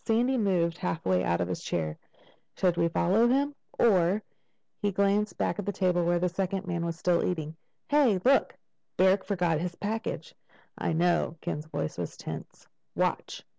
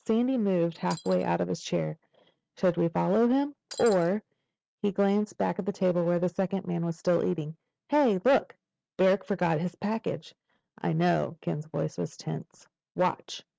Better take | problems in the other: first | noise reduction (neural mask model RNNoise)

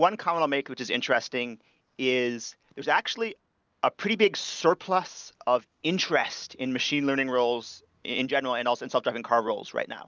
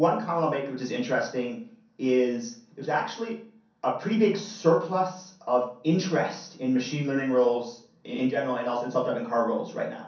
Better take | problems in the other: first | room echo; dies away in 0.6 s

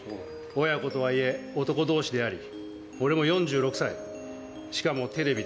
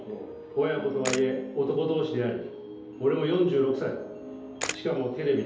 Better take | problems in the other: first | background sound (Camera); 12 dB below the speech // room echo; dies away in 2.2 s

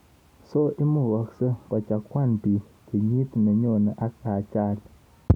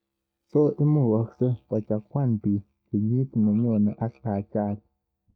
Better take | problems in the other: first | noise reduction (neural mask model DeepFilterNet 3)

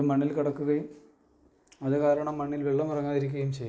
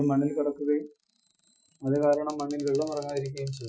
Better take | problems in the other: first | noise reduction (classical method Wiener filter)

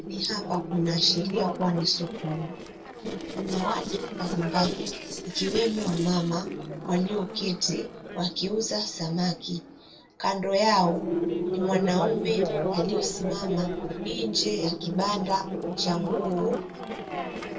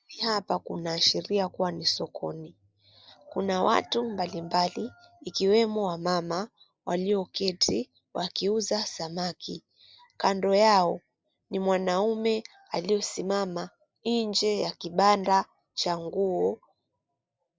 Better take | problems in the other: second | noise reduction (neural separator model SepFormer DNS4)

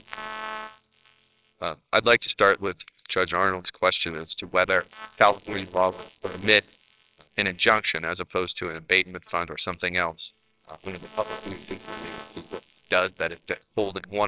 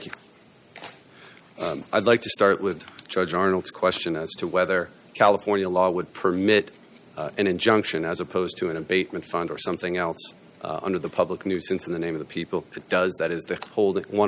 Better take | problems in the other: second | noise reduction (neural separator model SepFormer WHAMR!)

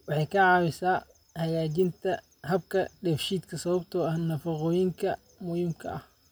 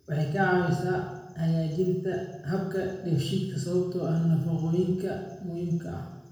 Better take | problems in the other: first | room echo; dies away in 0.9 s

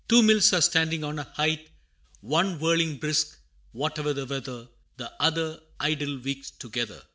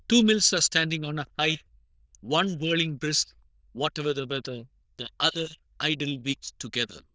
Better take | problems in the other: first | noise reduction (neural diffusion model UNIVERSE++)

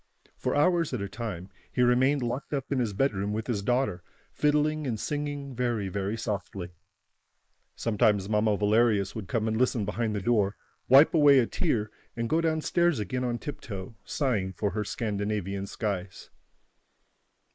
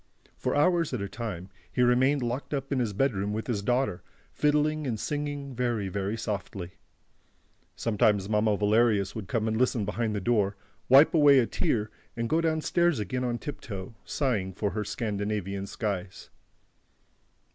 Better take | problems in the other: second | noise reduction (neural mask model Resemble Enhance denoiser)

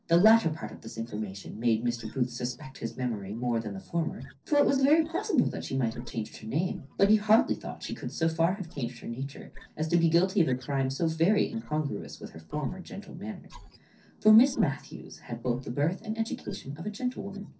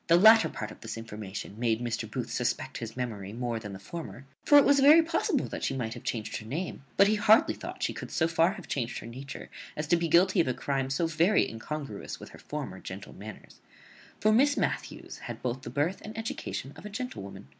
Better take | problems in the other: second | noise reduction (neural separator model SepFormer DNS4)

